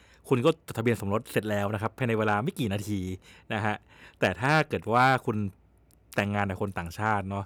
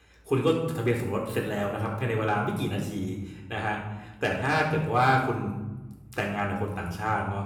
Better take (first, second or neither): first